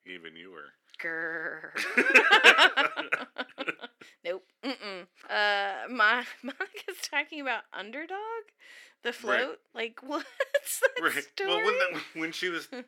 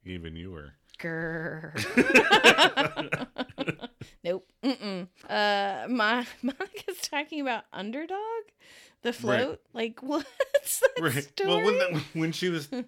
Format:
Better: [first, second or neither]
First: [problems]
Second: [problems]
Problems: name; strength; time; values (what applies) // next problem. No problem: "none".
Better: second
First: thin; somewhat; fading below 300 Hz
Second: none